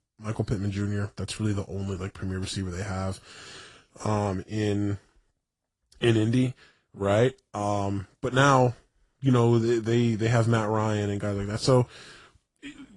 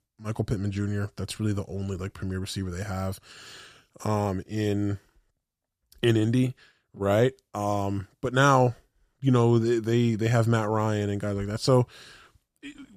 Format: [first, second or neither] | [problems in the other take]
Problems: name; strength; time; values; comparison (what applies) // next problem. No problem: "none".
second | garbled, watery; slightly